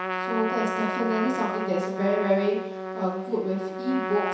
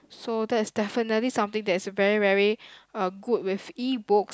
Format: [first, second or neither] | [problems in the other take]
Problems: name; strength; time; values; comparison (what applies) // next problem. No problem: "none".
second | background sound (Trumpet); 3 dB below the speech // room echo; dies away in 0.7 s